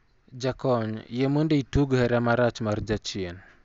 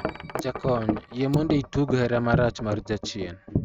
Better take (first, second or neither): first